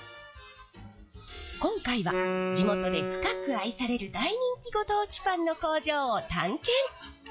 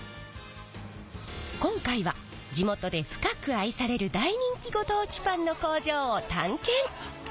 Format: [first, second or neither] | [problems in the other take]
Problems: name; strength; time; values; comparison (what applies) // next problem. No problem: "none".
second | noise reduction (classical method log-MMSE)